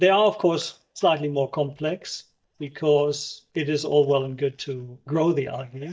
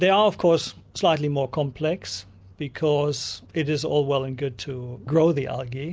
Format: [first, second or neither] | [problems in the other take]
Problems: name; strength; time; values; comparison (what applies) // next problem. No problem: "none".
second | noise reduction (neural mask model DeepFilterNet 3)